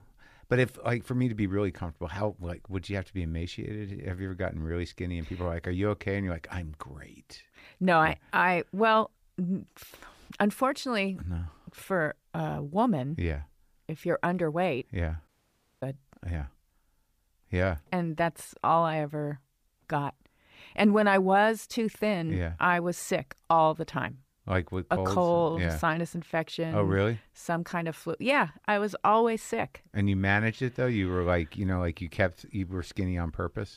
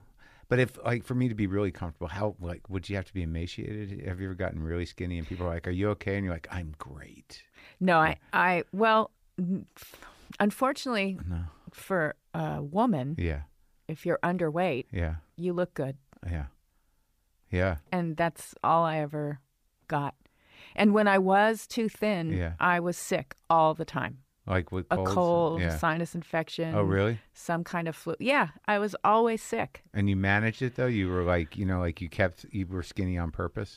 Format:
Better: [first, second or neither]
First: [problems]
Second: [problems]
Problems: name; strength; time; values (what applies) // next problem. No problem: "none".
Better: second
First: audio cutting out; at 15 s for 0.5 s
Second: none